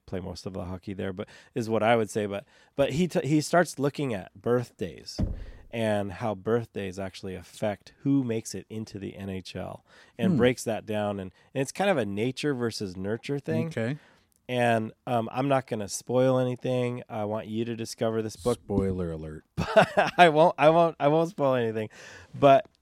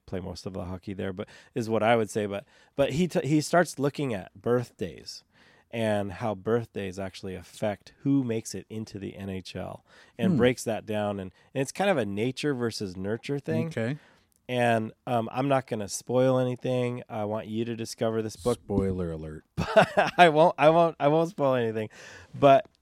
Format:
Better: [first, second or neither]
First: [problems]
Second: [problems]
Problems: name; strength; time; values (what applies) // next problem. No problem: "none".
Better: second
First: door banging; noticeable; at 5 s; peak 7 dB below the speech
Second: none